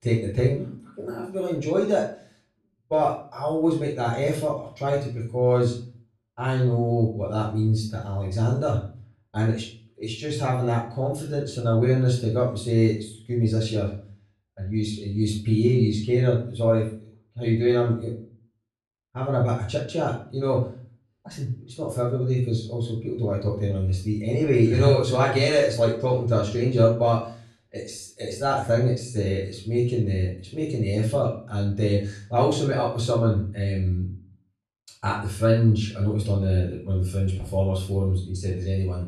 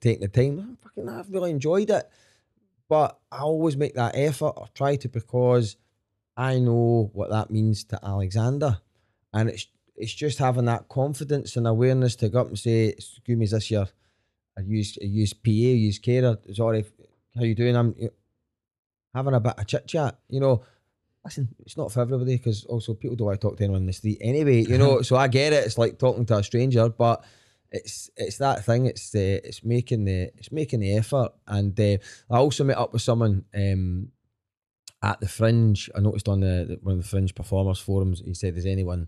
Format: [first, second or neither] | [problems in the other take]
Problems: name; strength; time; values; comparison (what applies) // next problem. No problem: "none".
second | room echo; slight; dies away in 0.4 s // off-mic speech; far